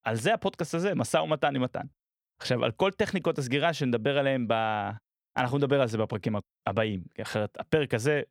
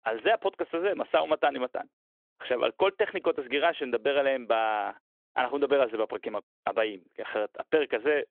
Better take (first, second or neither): first